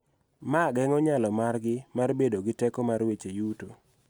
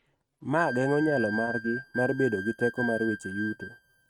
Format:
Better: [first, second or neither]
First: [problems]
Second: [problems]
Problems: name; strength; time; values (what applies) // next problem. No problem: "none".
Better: first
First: none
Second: noise reduction (neural mask model RNNoise)